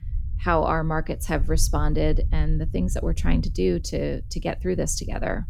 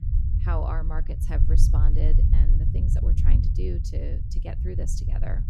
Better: first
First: low rumble; faint; throughout; 20 dB below the speech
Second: low rumble; loud; throughout; 3 dB below the speech

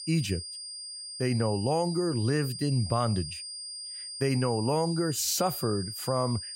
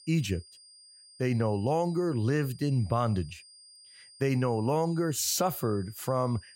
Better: second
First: high-pitched whine; loud; throughout; 5 kHz, 8 dB below the speech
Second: high-pitched whine; faint; throughout; 5 kHz, 20 dB below the speech

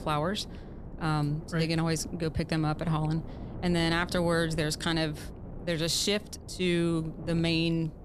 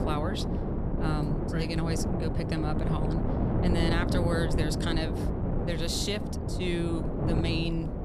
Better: first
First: wind noise on the microphone; occasional gusts; 20 dB below the speech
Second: wind noise on the microphone; heavy; 2 dB below the speech

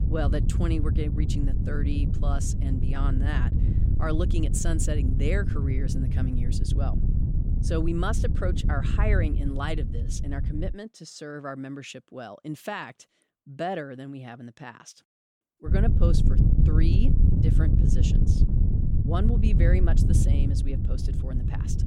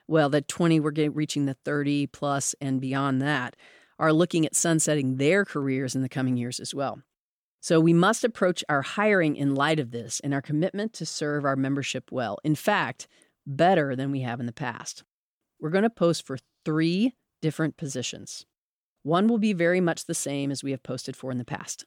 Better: second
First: wind noise on the microphone; heavy; until 11 s and from 16 s on; 4 dB below the speech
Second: none

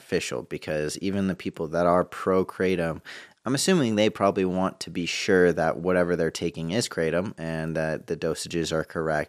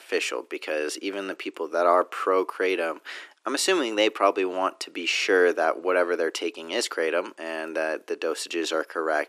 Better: first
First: none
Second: thin; somewhat; fading below 300 Hz

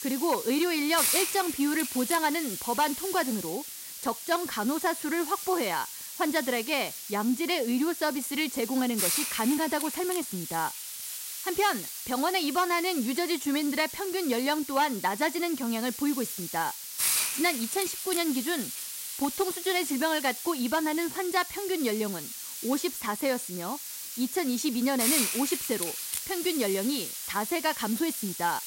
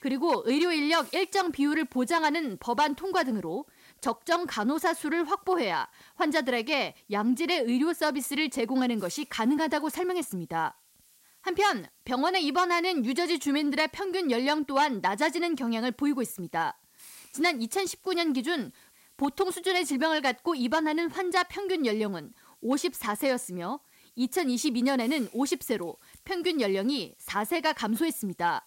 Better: second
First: hiss; loud; throughout; 4 dB below the speech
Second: hiss; faint; throughout; 30 dB below the speech

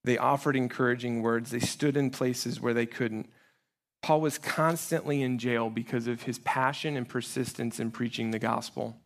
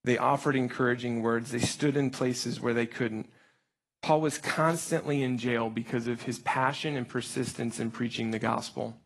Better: first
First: none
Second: garbled, watery; slightly; nothing above 11.5 kHz

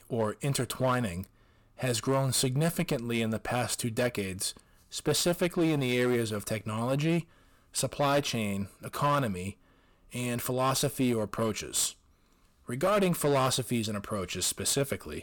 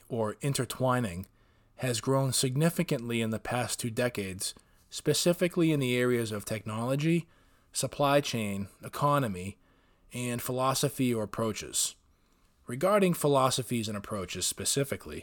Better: second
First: distortion; slight; 8% of the sound clipped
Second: none

